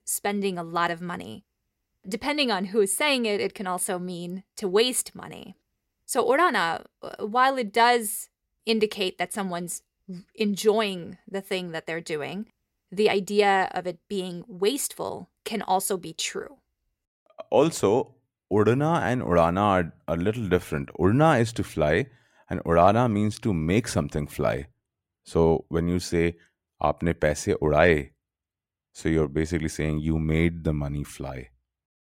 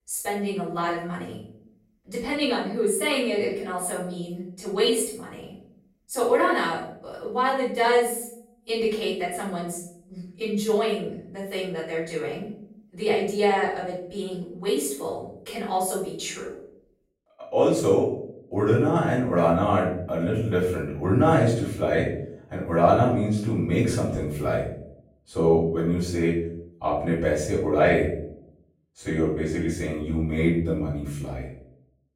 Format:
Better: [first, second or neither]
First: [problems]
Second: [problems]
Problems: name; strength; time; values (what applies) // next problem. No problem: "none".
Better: first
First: none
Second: off-mic speech; far // room echo; noticeable; dies away in 0.6 s